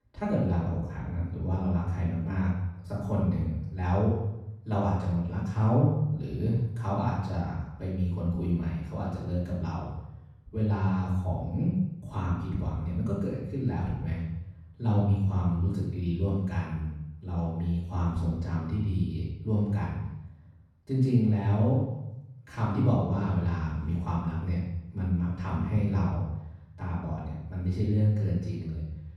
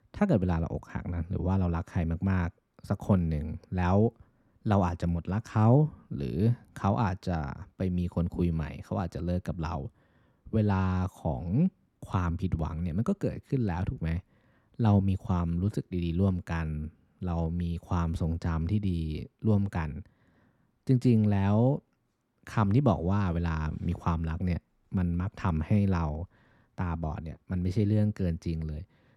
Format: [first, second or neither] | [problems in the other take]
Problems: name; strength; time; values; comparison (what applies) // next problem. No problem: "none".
second | off-mic speech; far // room echo; noticeable; dies away in 0.8 s